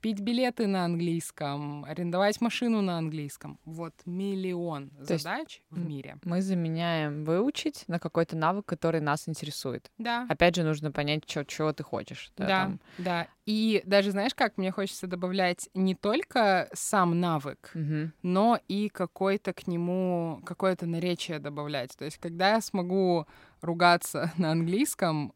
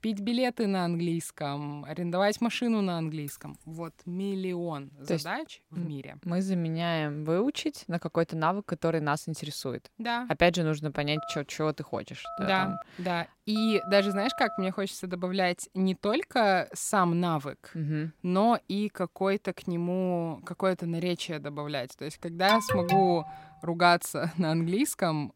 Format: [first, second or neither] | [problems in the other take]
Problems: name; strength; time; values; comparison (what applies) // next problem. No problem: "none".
first | jangling keys; faint; at 3.5 s; peak 15 dB below the speech // phone ringing; noticeable; from 11 to 15 s; peak 9 dB below the speech // alarm; loud; at 22 s; peak 3 dB above the speech